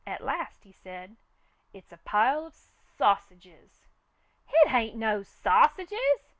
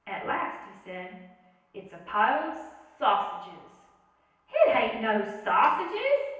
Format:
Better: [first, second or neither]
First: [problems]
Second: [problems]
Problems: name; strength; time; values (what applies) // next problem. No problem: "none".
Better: first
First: none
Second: room echo; dies away in 0.9 s